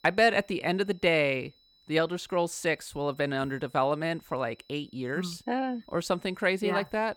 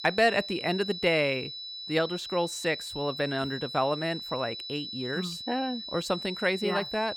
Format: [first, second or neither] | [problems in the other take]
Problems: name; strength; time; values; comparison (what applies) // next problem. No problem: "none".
first | high-pitched whine; loud; throughout; 4 kHz, 7 dB below the speech; faint in the first